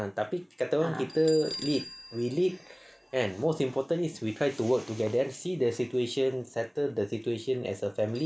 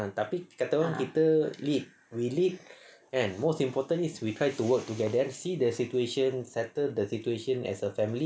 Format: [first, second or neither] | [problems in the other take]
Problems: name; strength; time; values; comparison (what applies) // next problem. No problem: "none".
second | background sound (Bell); 19 dB below the speech